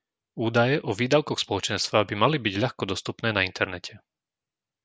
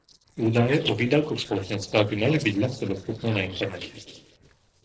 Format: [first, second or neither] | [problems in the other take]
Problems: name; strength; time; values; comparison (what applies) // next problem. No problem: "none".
first | noise reduction (neural separator model SepFormer DNS4)